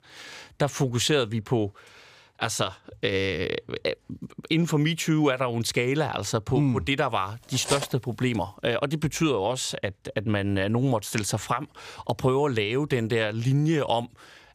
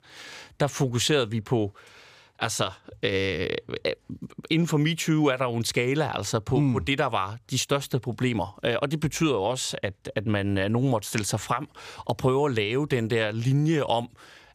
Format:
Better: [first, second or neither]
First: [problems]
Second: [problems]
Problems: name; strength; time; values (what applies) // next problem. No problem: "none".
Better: second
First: clattering dishes; noticeable; at 7.5 s; peak 5 dB below the speech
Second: none